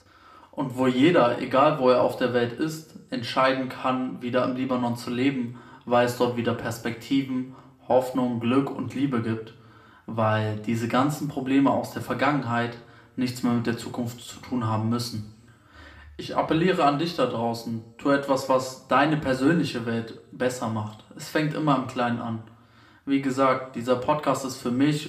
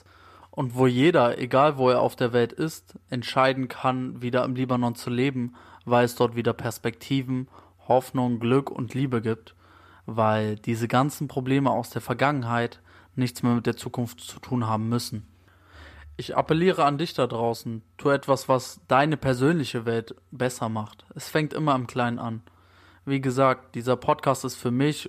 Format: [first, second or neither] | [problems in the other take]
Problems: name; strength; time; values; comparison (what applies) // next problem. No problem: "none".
second | room echo; very slight; dies away in 0.5 s